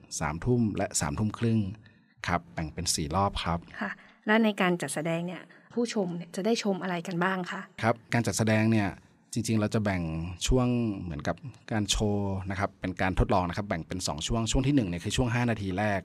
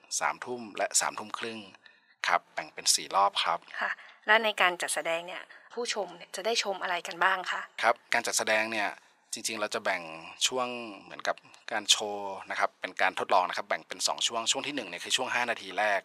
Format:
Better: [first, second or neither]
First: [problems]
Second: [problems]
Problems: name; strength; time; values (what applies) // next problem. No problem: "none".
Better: first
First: none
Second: thin; very; fading below 800 Hz